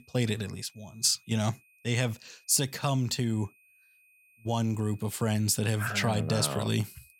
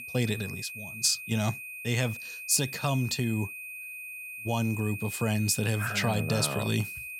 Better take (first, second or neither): first